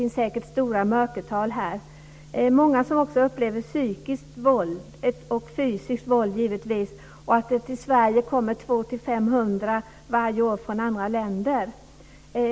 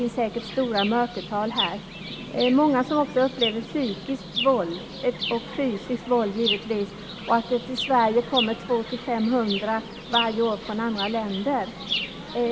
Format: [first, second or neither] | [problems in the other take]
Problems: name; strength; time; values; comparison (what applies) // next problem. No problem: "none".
first | background sound (Chirp, tweet); 8 dB below the speech